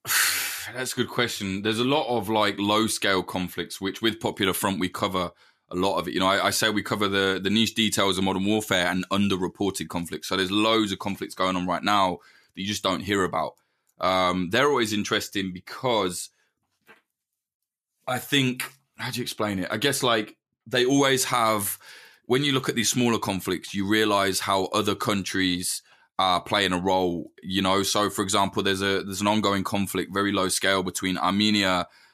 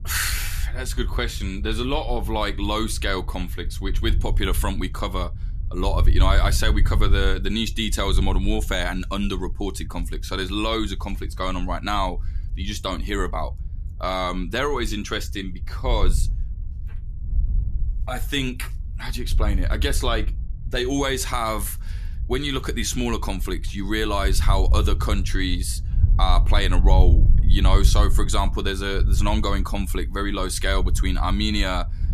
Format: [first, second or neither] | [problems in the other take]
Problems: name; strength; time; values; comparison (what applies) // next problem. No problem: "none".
first | wind noise on the microphone; occasional gusts; 20 dB below the speech